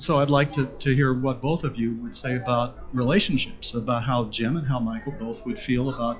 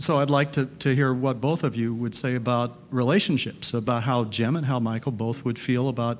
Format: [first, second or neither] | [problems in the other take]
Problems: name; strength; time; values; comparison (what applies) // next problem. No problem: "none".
second | noise reduction (classical method log-MMSE)